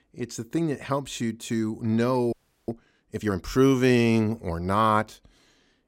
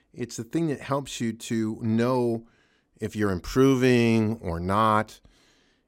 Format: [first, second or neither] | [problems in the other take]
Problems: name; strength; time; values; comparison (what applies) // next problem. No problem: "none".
second | audio freezing; at 2.5 s